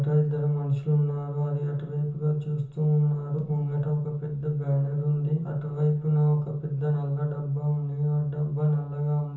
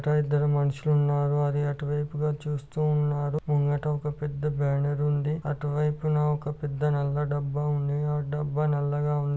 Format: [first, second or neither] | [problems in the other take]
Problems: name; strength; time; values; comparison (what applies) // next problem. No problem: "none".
second | room echo; dies away in 0.6 s